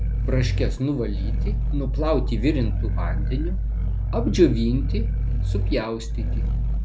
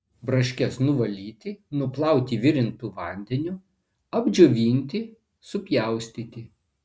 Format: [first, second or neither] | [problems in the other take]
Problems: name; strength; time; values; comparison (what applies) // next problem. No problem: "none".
second | background sound (Growling); 3 dB above the speech